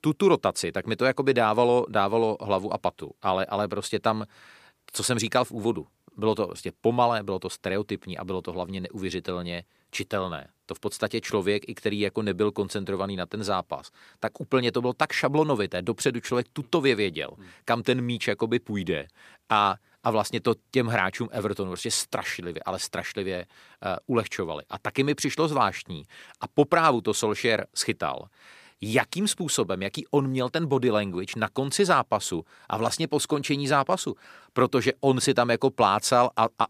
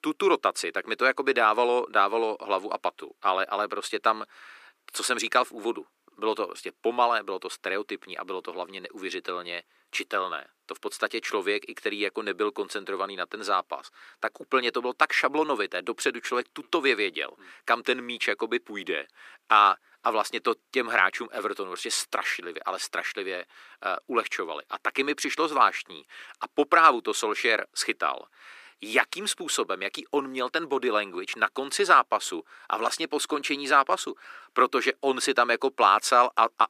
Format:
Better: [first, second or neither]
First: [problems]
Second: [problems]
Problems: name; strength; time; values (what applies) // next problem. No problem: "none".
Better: first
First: none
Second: thin; somewhat; fading below 300 Hz